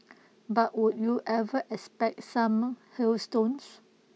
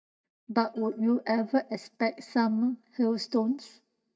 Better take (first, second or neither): first